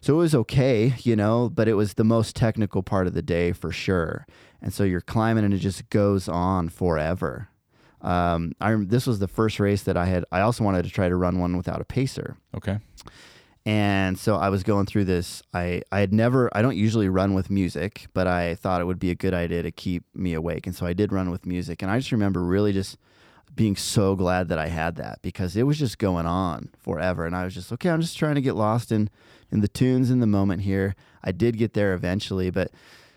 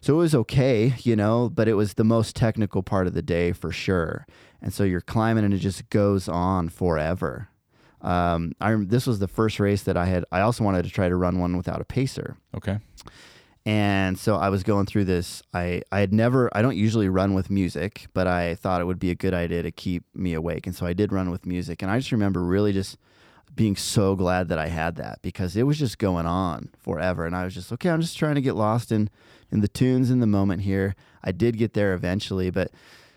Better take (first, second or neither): neither